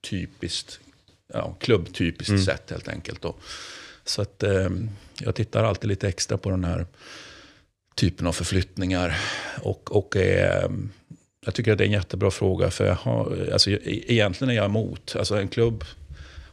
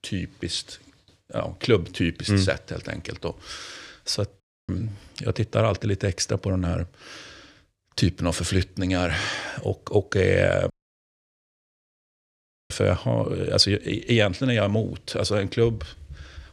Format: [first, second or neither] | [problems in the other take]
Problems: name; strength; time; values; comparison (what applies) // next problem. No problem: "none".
first | audio cutting out; at 4.5 s and at 11 s for 2 s